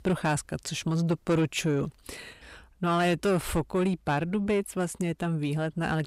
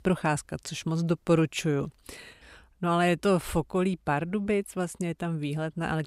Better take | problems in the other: second | distortion; slight; 10 dB below the speech

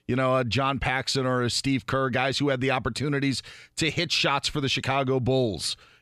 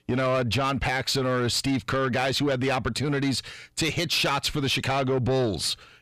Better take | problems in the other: first | distortion; slight; 10 dB below the speech

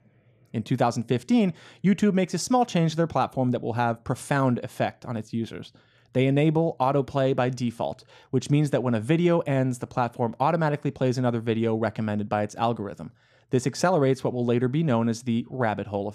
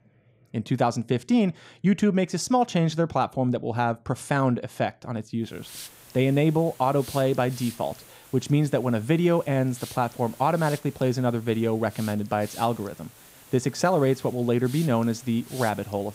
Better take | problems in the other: first | hiss; noticeable; from 5.5 s on; 20 dB below the speech

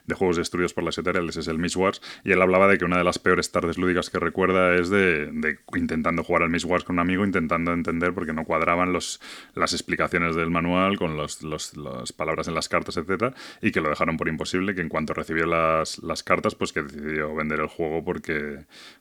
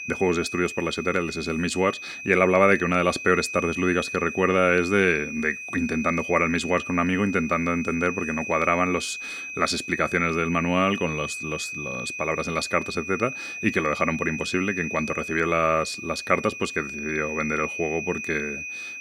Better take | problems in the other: first | high-pitched whine; loud; throughout; 2.5 kHz, 8 dB below the speech

